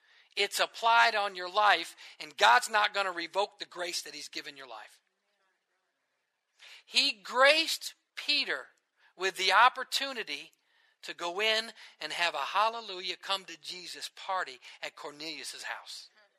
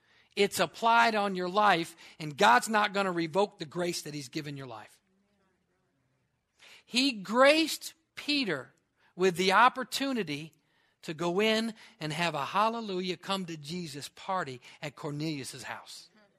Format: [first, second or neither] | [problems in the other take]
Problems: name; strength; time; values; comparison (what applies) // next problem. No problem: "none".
second | thin; very; fading below 650 Hz